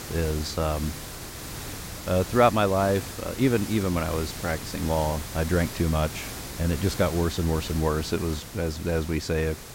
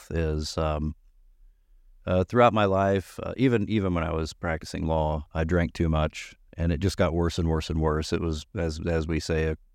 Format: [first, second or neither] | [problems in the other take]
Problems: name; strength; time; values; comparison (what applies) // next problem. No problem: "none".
second | hiss; loud; throughout; 10 dB below the speech